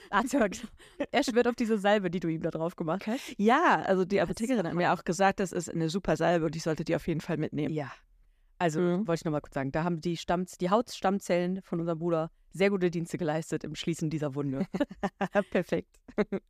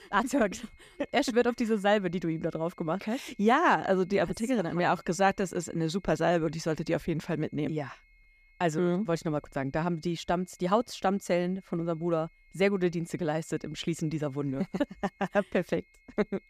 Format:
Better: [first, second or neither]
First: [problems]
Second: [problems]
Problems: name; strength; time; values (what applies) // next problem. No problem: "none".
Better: first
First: none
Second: high-pitched whine; faint; throughout; 2 kHz, 30 dB below the speech